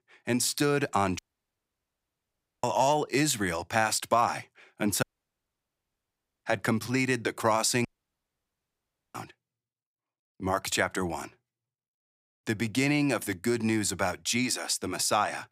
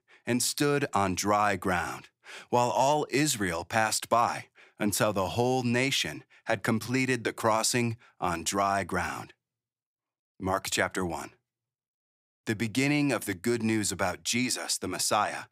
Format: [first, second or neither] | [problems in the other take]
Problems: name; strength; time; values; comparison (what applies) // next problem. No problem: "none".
second | audio cutting out; at 1 s for 1.5 s, at 5 s for 1.5 s and at 8 s for 1.5 s